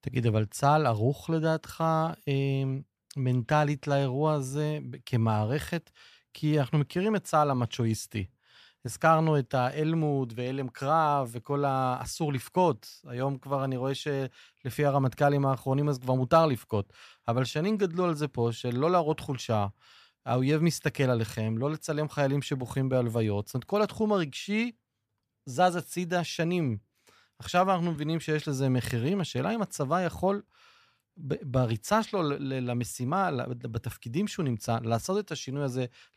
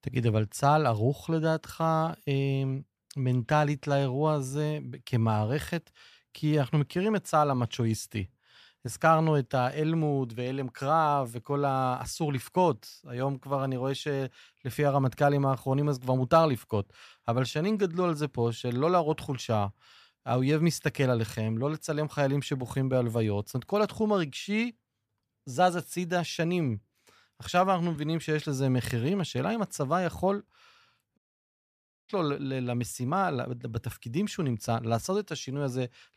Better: first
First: none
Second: audio cutting out; at 31 s for 1 s

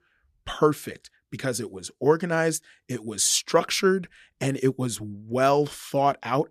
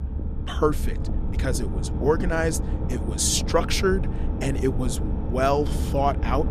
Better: first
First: none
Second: low rumble; noticeable; throughout; 10 dB below the speech

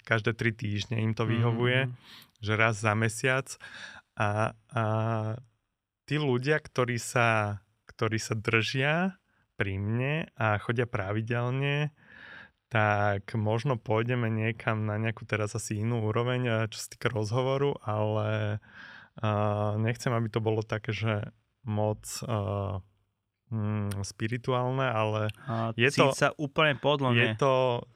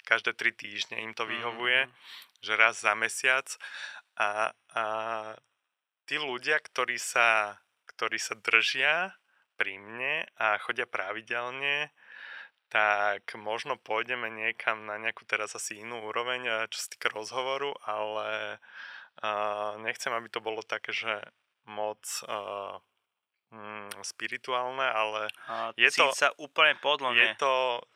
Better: first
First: none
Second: thin; very; fading below 650 Hz

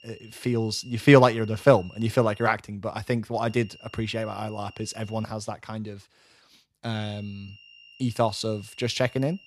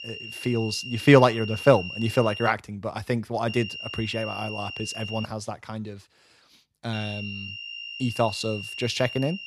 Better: first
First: high-pitched whine; faint; until 2.5 s, from 3.5 to 5.5 s and from 7 s on; 3 kHz, 25 dB below the speech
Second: high-pitched whine; loud; until 2.5 s, from 3.5 to 5.5 s and from 7 s on; 3 kHz, 9 dB below the speech

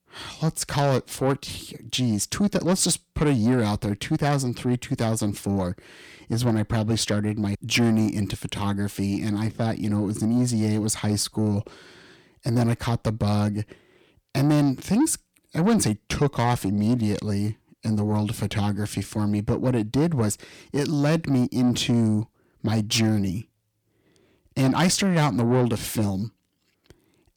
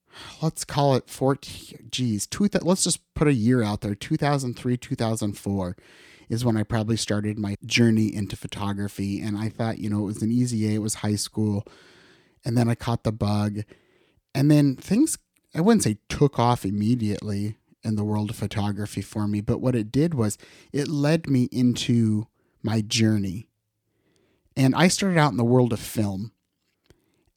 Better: second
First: distortion; slight; 10 dB below the speech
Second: none

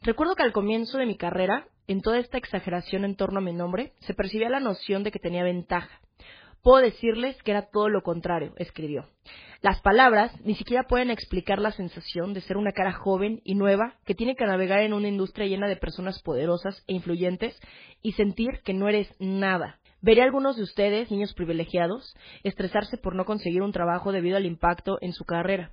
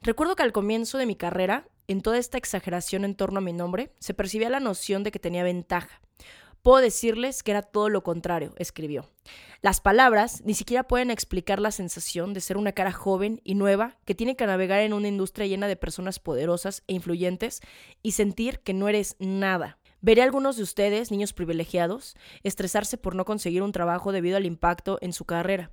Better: second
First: garbled, watery; badly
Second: none

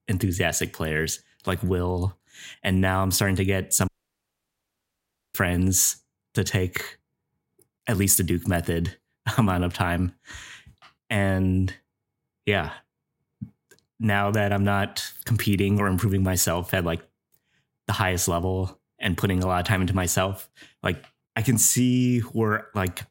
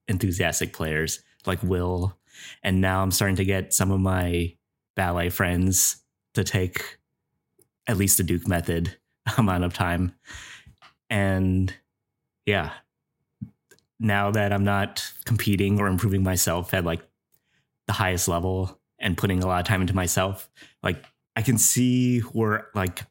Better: second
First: audio cutting out; at 4 s for 1.5 s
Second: none

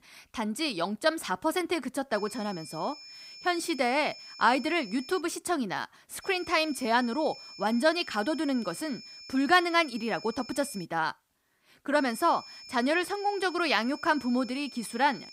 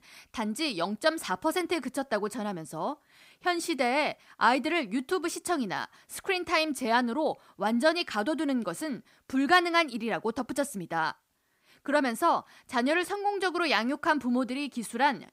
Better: second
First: high-pitched whine; noticeable; from 2 to 5 s, from 6 to 11 s and from 12 s on; 5.5 kHz, 15 dB below the speech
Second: none

